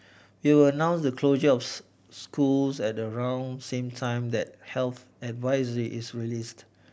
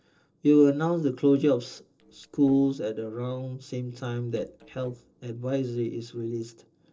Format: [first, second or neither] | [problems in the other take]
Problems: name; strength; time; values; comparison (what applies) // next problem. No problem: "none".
first | noise reduction (neural separator model SepFormer DNS4)